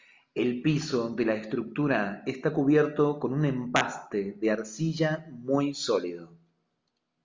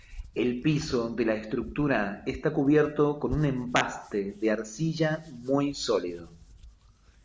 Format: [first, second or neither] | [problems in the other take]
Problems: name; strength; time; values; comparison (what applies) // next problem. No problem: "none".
first | background sound (Hands); 19 dB below the speech